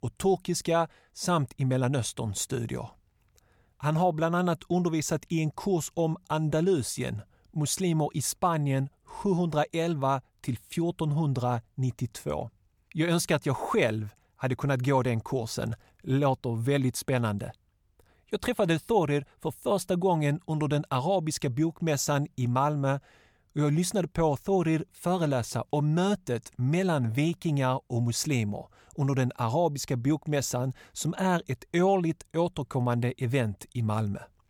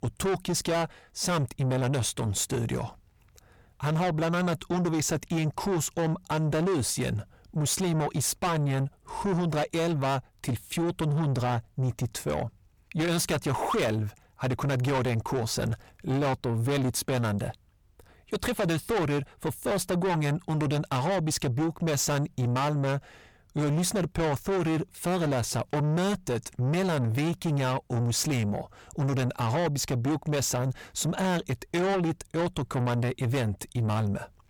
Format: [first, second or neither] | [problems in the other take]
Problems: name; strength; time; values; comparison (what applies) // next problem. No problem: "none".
first | distortion; heavy; 7 dB below the speech